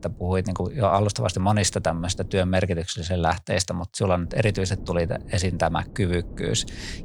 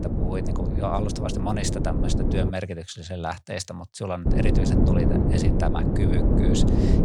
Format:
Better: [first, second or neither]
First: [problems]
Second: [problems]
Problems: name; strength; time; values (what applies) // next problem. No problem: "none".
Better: first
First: wind noise on the microphone; occasional gusts; until 2.5 s and from 4.5 s on; 25 dB below the speech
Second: wind noise on the microphone; heavy; until 2.5 s and from 4.5 s on; 1 dB above the speech